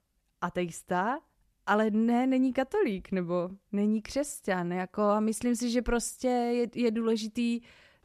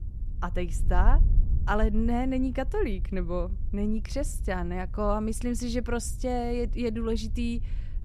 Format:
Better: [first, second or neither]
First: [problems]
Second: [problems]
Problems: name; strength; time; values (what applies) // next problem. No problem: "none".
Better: first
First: none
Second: wind noise on the microphone; occasional gusts; 20 dB below the speech